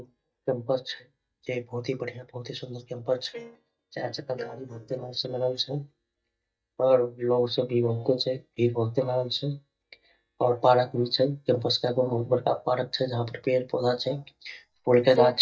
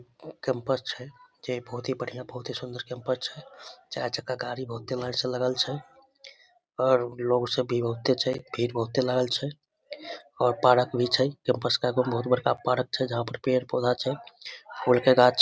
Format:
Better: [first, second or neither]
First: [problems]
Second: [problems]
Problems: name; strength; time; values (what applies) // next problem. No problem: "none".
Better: second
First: noise reduction (neural mask model DeepFilterNet 3)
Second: none